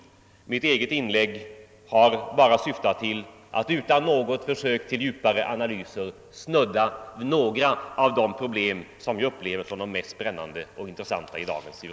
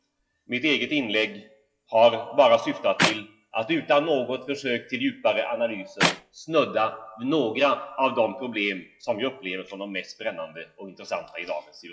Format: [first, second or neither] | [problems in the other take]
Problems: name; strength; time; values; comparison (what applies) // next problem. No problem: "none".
first | noise reduction (classical method WPE with log-MMSE)